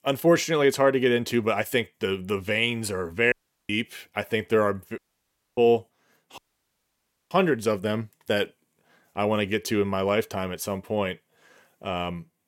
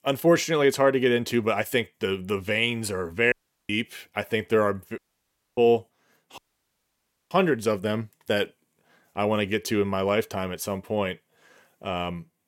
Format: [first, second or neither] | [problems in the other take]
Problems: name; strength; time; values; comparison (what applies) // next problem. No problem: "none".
neither | audio cutting out; at 3.5 s, at 5 s for 0.5 s and at 6.5 s for 1 s; the same in both